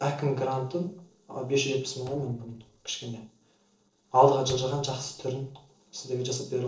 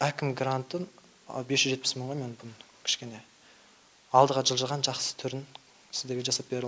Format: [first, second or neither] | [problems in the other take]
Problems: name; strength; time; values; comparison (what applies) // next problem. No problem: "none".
second | noise reduction (neural separator model SepFormer DNS4)